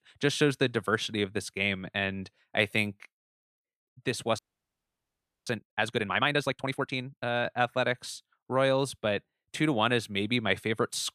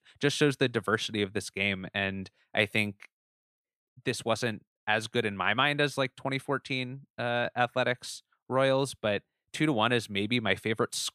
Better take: second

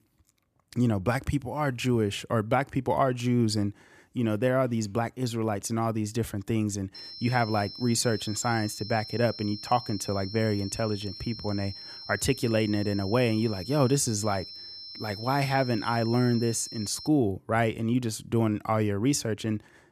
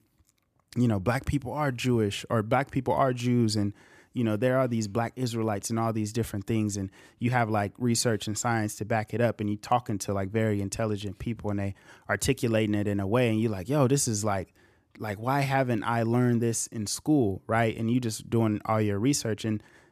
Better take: second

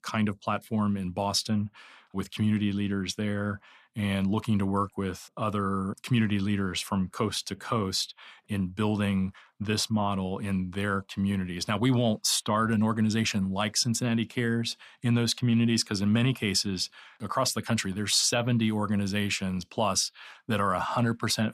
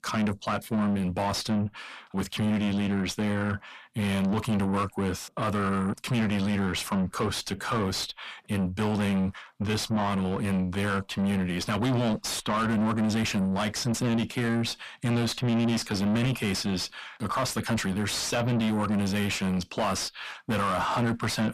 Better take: first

